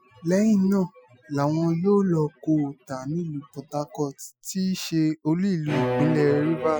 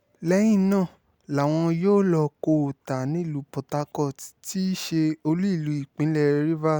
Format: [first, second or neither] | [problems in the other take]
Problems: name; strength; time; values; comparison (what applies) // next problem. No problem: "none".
second | noise reduction (classical method Wiener filter)